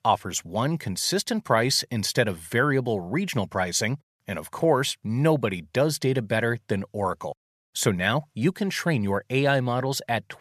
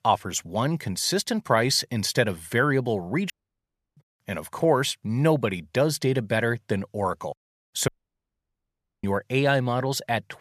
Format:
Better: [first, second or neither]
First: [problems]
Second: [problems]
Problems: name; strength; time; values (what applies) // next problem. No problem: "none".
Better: first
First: none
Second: audio cutting out; at 3.5 s for 0.5 s and at 8 s for 1 s